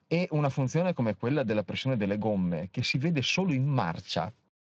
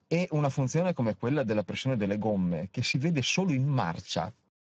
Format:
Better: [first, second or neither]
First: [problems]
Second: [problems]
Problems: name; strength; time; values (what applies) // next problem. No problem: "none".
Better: first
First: garbled, watery; slightly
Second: garbled, watery; badly